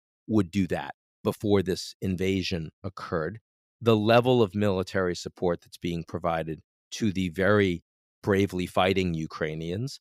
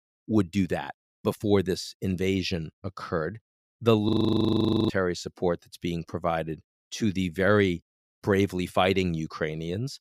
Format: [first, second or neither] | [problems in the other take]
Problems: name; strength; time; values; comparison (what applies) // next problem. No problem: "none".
first | audio freezing; at 4 s for 1 s